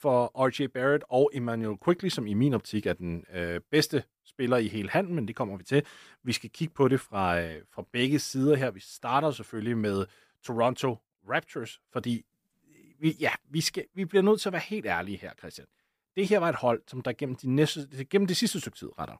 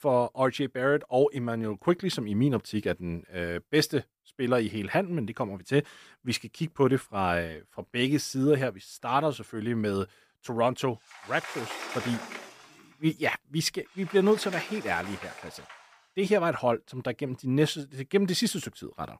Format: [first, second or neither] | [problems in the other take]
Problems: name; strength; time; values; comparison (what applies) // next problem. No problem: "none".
first | door banging; noticeable; from 11 to 16 s; peak 7 dB below the speech